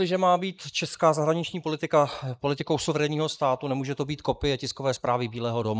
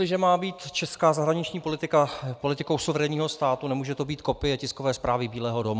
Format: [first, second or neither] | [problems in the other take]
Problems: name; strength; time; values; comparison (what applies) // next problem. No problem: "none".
second | noise reduction (neural mask model Resemble Enhance denoiser)